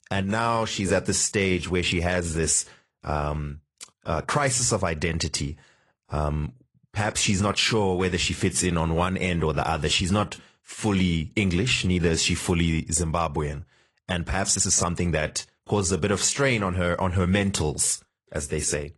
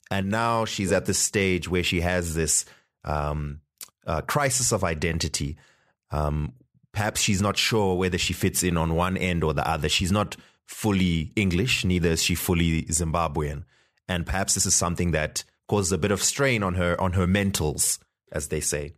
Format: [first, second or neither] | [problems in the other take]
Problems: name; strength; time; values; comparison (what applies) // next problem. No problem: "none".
second | garbled, watery; slightly; nothing above 10 kHz